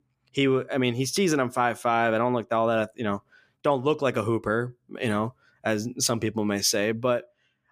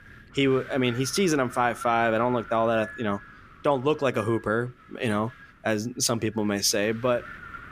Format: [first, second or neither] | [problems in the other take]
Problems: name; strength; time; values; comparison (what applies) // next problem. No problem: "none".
first | wind noise on the microphone; occasional gusts; 15 dB below the speech